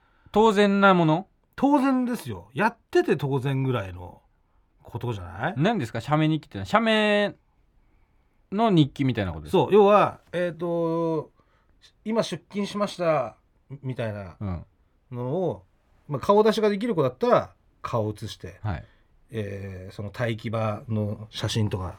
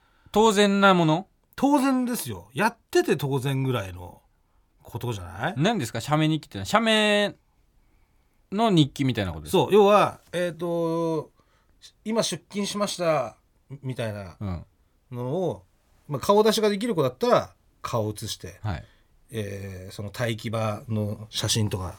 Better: second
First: muffled; slightly; fading above 4 kHz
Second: none

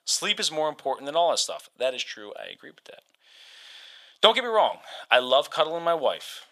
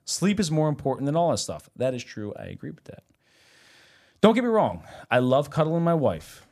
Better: second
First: thin; very; fading below 750 Hz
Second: none

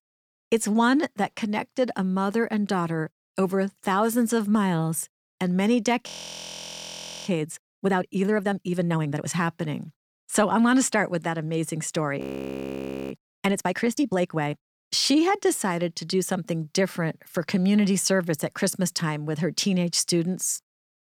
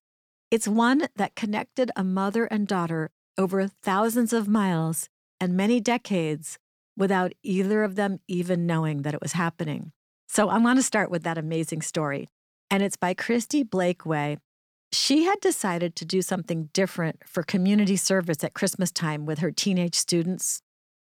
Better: second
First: audio freezing; at 6 s for 1 s and at 12 s for 1 s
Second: none

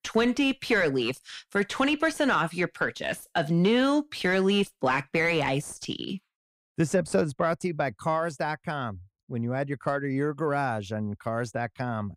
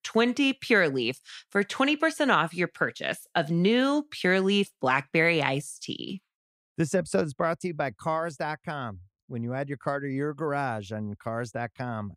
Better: second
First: distortion; slight; 10 dB below the speech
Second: none

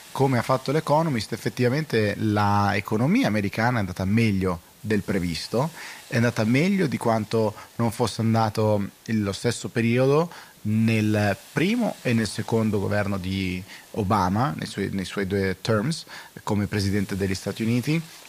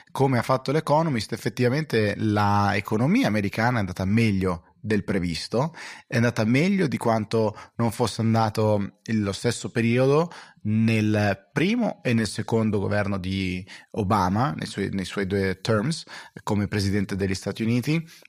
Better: second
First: hiss; faint; throughout; 20 dB below the speech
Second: none

